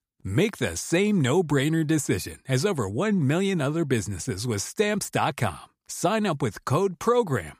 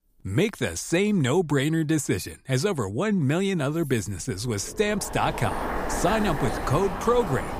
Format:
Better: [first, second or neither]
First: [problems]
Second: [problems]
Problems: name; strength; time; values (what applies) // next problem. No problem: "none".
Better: first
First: none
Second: household noises; loud; throughout; 6 dB below the speech